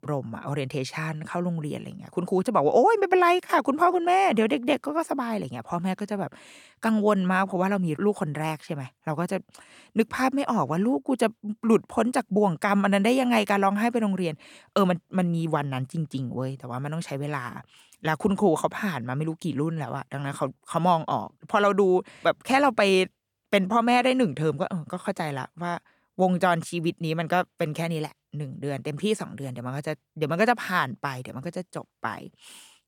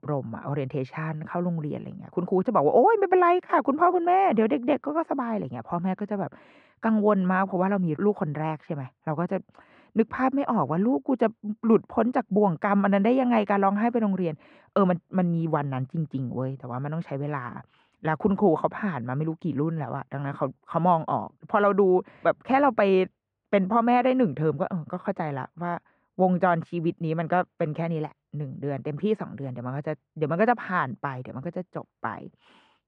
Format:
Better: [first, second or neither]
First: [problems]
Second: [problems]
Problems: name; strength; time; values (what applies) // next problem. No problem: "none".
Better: first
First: none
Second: muffled; very; fading above 1.5 kHz